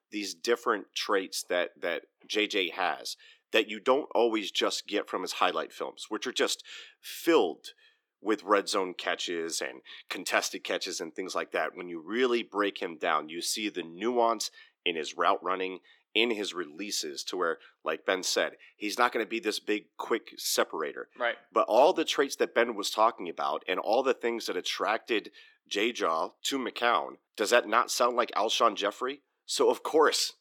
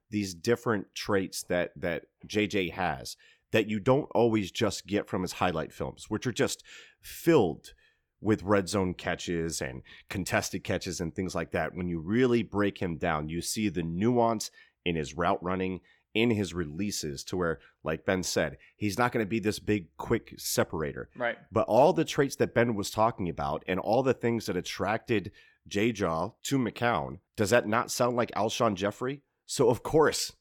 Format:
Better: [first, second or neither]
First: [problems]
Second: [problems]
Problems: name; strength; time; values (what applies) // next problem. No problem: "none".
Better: second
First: thin; somewhat; fading below 300 Hz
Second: none